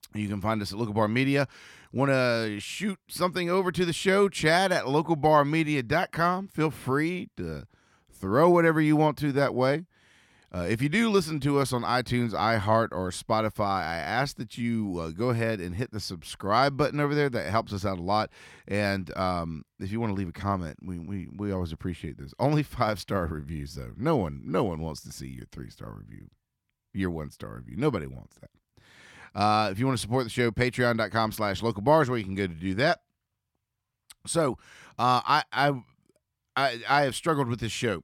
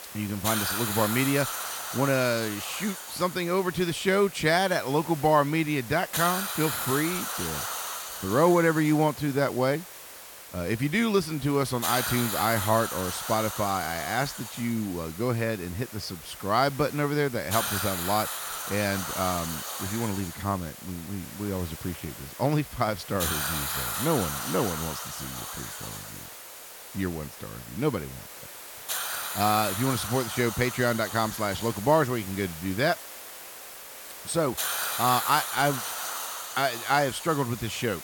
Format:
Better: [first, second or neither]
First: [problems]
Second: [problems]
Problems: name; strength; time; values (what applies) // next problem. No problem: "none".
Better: first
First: none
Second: hiss; loud; throughout; 6 dB below the speech